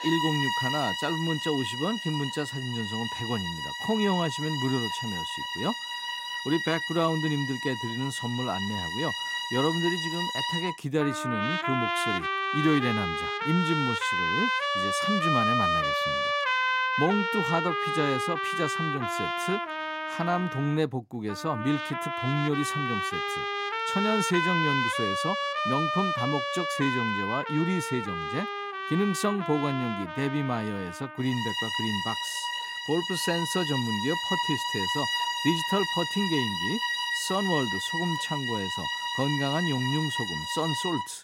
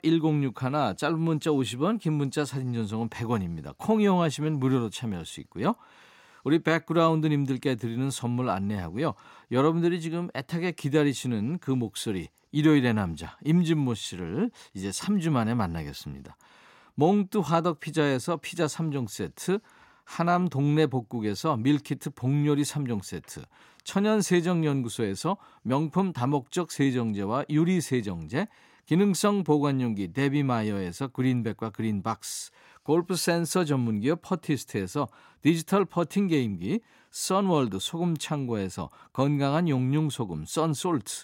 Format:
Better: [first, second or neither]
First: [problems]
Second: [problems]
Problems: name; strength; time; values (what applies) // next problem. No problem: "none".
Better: second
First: background music; very loud; throughout; 1 dB above the speech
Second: none